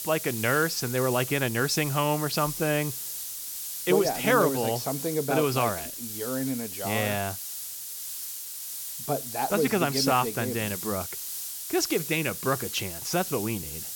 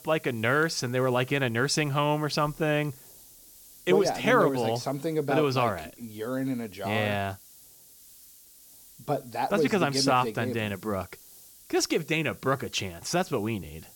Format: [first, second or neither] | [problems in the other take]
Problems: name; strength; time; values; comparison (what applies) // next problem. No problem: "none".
second | hiss; loud; throughout; 6 dB below the speech; faint in the second